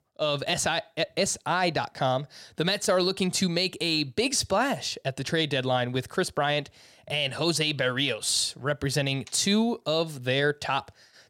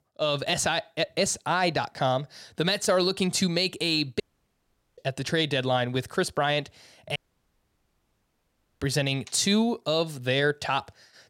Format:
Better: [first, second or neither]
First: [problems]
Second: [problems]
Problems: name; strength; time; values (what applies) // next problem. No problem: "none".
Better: first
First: none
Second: audio cutting out; at 4 s for 1 s and at 7 s for 1.5 s